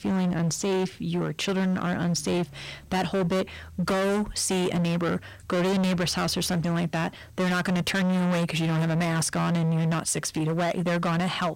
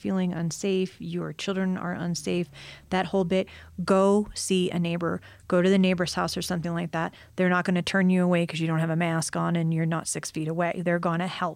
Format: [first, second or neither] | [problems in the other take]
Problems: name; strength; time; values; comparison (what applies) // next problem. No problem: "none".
second | distortion; heavy; 30% of the sound clipped